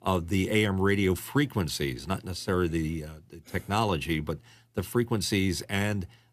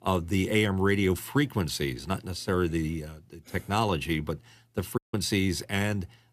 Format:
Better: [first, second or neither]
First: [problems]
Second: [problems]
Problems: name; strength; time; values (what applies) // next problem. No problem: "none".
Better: first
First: none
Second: audio cutting out; at 5 s